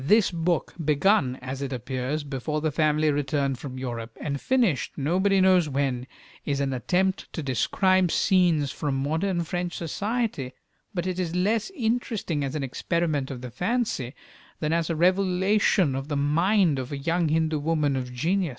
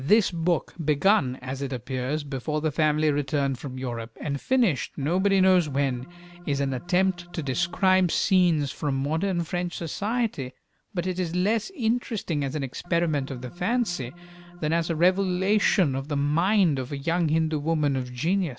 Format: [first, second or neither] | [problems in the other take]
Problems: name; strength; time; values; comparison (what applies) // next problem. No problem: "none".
first | background sound (Organ); 20 dB below the speech